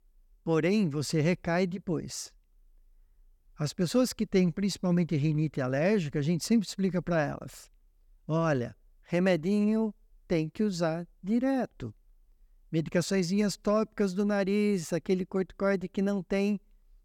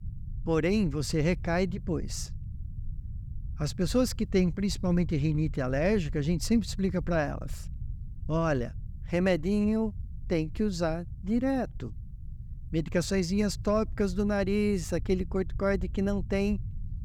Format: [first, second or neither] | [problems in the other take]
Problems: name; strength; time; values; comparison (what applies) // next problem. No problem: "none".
first | low rumble; faint; throughout; 25 dB below the speech